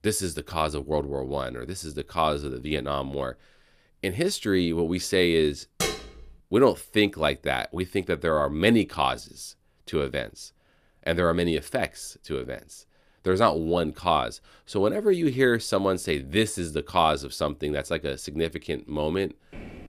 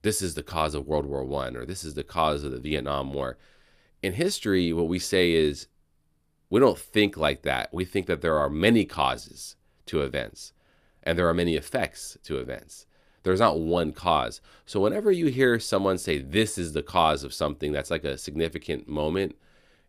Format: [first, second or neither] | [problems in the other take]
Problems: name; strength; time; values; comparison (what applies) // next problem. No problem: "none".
second | clattering dishes; noticeable; at 6 s; peak 3 dB below the speech // footsteps; faint; at 19 s; peak 15 dB below the speech